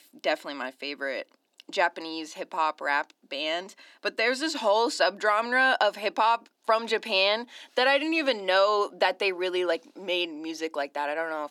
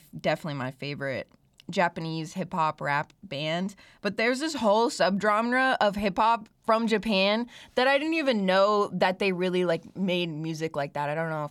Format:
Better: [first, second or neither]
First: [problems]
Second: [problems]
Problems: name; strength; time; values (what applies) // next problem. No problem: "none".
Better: second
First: thin; somewhat; fading below 300 Hz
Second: none